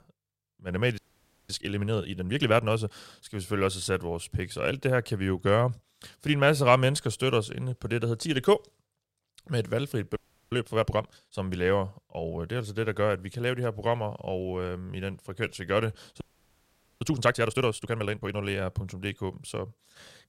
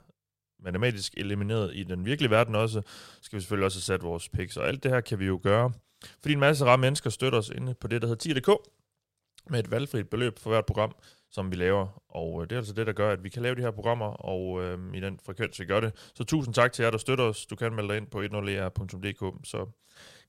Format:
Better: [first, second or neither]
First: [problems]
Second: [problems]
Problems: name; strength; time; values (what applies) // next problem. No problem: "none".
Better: second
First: audio freezing; at 1 s for 0.5 s, at 10 s and at 16 s for 1 s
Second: none